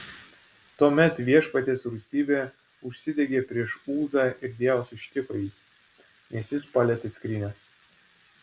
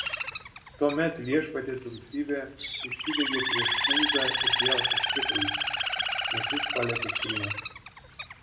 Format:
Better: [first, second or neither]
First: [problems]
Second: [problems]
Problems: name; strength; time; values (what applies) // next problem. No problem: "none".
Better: first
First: none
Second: background sound (Bird); 3 dB above the speech // room echo; dies away in 0.6 s